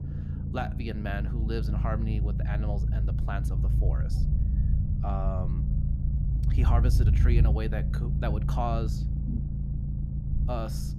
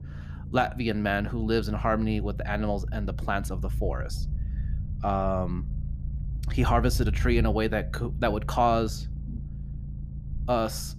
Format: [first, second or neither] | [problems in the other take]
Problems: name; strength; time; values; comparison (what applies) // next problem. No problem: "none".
second | low rumble; loud; throughout; 6 dB below the speech; faint in the second